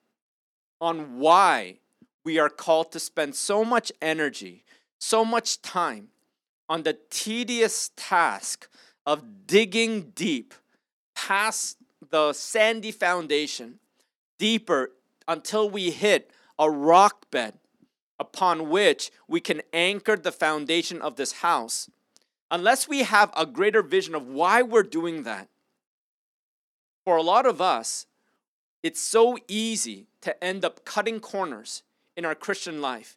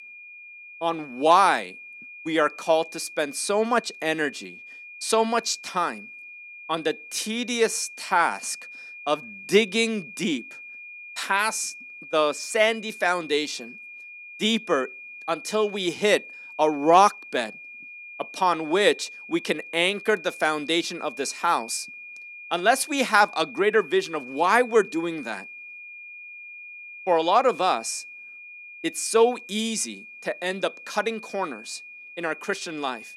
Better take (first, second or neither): first